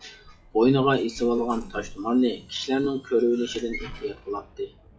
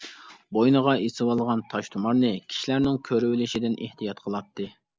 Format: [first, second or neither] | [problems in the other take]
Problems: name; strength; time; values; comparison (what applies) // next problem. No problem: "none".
second | noise reduction (classical method WPE with log-MMSE)